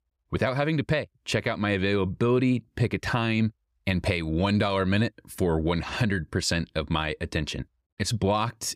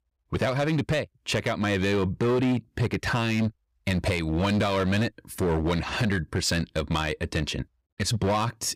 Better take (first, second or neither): first